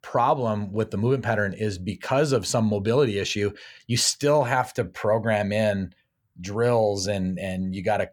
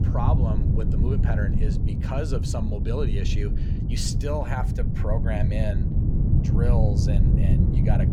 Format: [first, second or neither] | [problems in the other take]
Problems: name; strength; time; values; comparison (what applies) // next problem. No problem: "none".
first | wind noise on the microphone; heavy; 2 dB below the speech